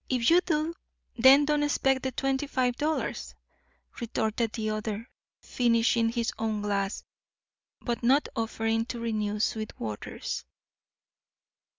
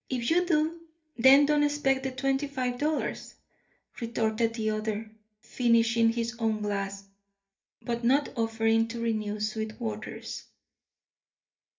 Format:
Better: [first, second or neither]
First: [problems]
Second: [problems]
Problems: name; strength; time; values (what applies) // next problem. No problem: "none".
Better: first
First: none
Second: room echo; dies away in 0.3 s